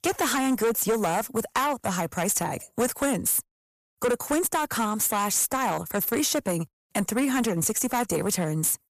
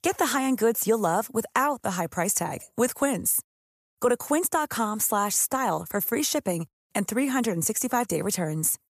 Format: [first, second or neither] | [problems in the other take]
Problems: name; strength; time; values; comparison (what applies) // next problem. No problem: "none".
second | distortion; slight; 11% of the sound clipped